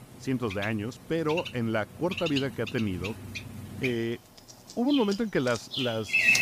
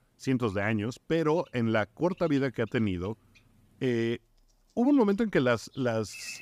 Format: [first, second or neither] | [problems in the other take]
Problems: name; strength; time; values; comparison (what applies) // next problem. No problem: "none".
second | animal sounds; loud; throughout; 2 dB below the speech; faint in the second